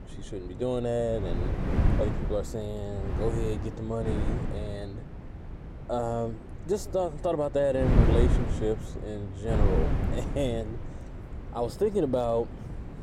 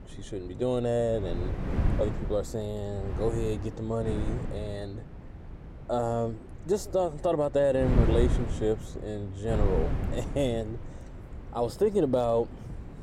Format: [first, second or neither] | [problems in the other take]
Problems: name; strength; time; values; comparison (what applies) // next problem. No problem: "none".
second | wind noise on the microphone; heavy; 8 dB below the speech; occasional gusts in the second